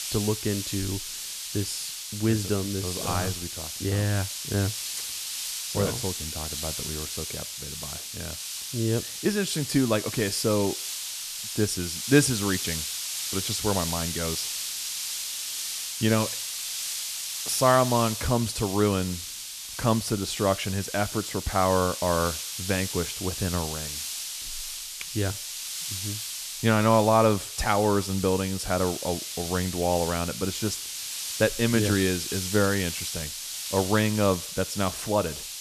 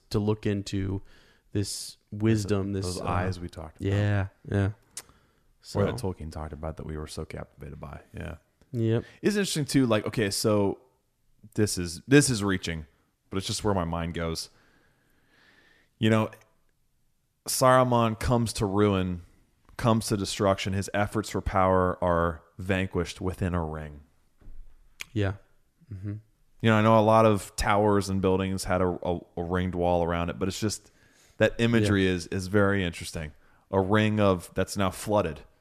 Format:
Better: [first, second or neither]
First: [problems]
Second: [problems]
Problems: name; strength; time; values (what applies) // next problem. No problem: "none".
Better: second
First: hiss; loud; throughout; 5 dB below the speech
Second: none